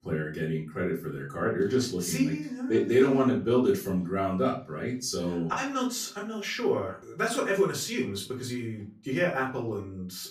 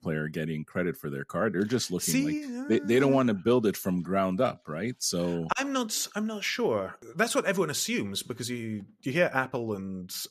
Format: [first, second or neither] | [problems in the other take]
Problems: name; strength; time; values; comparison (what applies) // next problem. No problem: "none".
second | off-mic speech; far // room echo; slight; dies away in 0.3 s